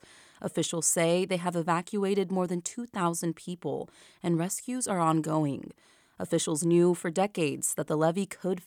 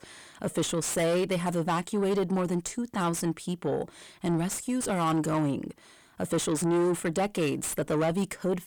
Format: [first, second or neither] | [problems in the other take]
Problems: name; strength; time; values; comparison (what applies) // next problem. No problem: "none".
first | distortion; heavy; 6 dB below the speech